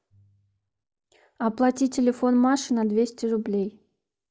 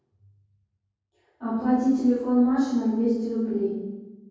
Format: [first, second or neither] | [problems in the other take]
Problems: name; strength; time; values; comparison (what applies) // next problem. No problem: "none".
first | room echo; dies away in 1.3 s